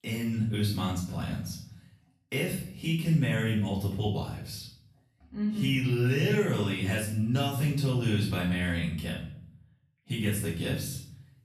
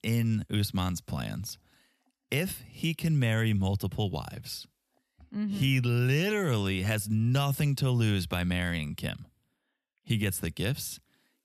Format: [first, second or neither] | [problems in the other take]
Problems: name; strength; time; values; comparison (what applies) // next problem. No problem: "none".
second | off-mic speech; far // room echo; noticeable; dies away in 0.5 s